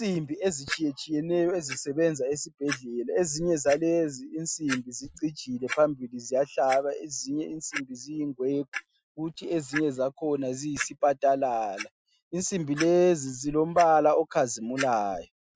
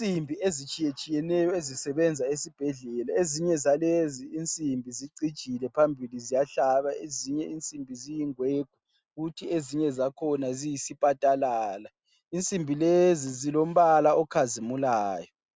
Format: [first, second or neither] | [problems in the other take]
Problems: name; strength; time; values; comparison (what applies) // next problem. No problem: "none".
second | noise reduction (classical method Wiener filter)